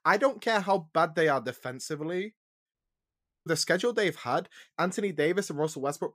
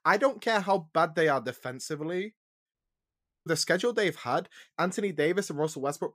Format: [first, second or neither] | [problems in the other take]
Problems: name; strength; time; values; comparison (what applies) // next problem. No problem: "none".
neither | audio cutting out; at 2.5 s for 0.5 s; the same in both